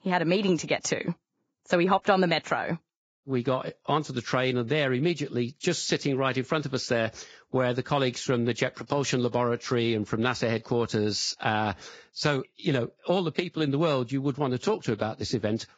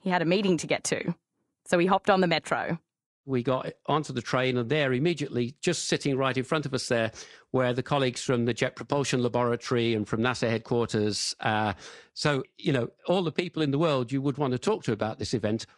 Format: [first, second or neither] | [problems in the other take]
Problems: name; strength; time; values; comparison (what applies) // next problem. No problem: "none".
second | garbled, watery; badly; nothing above 7.5 kHz; slightly in the second